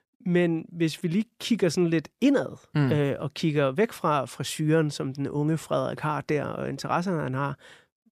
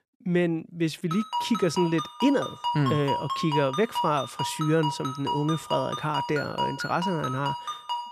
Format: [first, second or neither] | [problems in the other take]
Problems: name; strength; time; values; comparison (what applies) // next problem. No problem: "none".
first | phone ringing; noticeable; from 1 s on; peak 2 dB below the speech